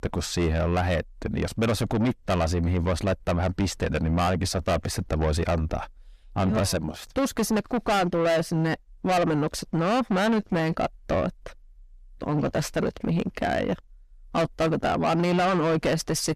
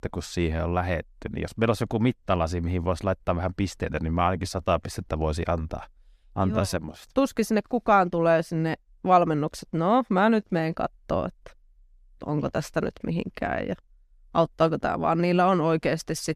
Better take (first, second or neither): second